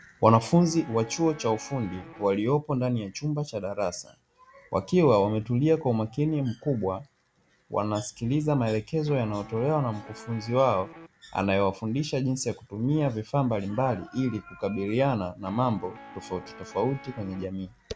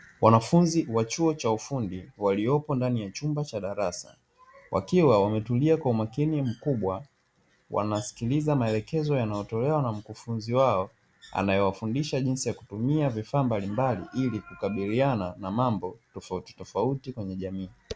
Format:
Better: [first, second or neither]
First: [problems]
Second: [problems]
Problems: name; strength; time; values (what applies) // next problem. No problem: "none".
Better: second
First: background sound (Guitar); 18 dB below the speech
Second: none